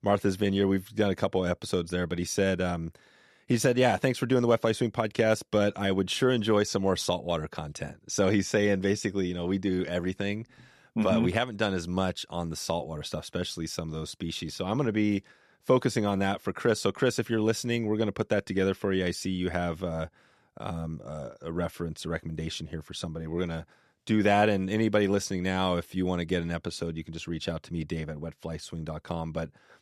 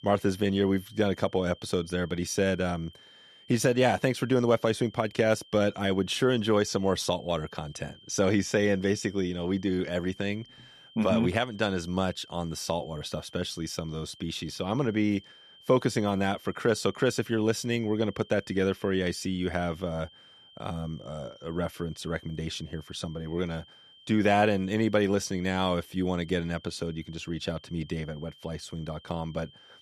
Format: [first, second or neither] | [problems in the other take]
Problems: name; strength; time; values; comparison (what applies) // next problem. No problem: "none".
first | high-pitched whine; faint; throughout; 3 kHz, 25 dB below the speech